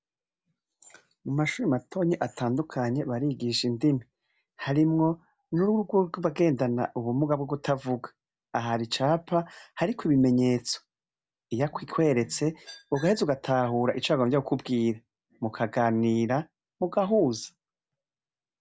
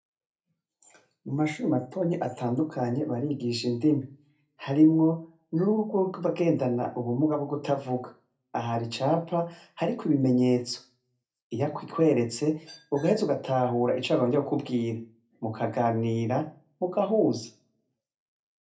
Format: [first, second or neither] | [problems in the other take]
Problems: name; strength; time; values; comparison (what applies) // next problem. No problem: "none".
first | room echo; dies away in 0.3 s